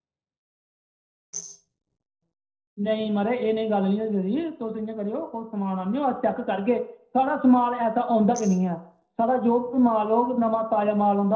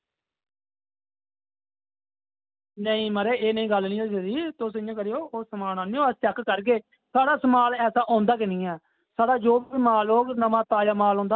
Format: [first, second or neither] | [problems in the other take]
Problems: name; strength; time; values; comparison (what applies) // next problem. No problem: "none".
second | noise reduction (neural separator model SepFormer DNS4)